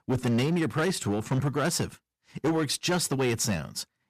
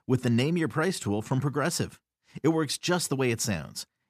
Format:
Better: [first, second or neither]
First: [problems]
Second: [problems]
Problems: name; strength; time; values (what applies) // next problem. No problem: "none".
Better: second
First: distortion; slight; 12% of the sound clipped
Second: none